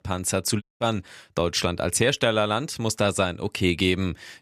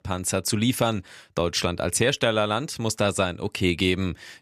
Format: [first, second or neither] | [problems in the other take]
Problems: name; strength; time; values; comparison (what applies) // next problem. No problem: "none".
second | audio cutting out; at 0.5 s